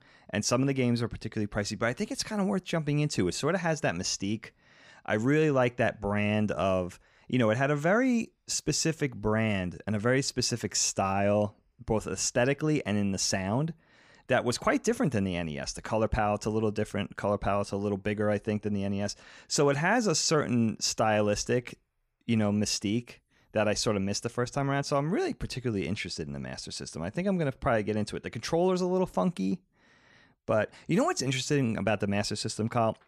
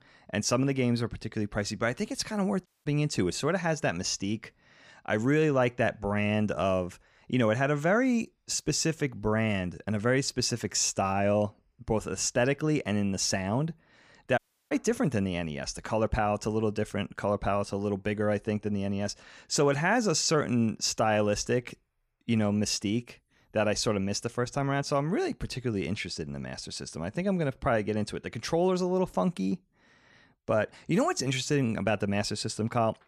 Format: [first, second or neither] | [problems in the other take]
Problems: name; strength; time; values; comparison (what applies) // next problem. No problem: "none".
first | audio cutting out; at 2.5 s and at 14 s